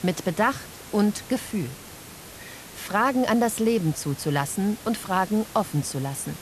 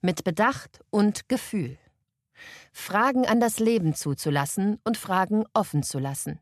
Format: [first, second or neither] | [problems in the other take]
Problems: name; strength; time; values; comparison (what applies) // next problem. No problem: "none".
second | hiss; noticeable; throughout; 15 dB below the speech